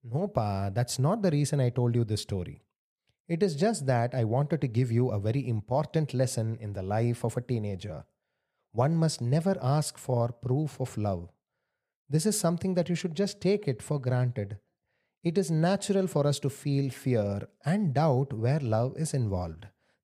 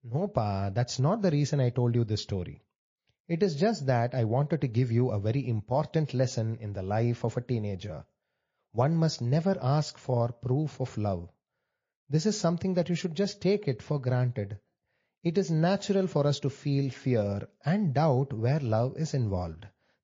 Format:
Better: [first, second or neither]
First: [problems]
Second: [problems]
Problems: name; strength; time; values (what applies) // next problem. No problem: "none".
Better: first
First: none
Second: garbled, watery; slightly